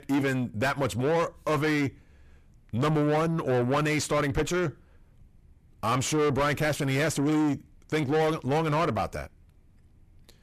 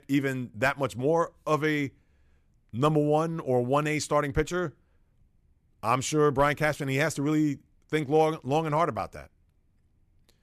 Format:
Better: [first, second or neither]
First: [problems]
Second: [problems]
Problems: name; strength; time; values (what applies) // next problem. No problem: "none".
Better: second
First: distortion; heavy; 6 dB below the speech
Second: none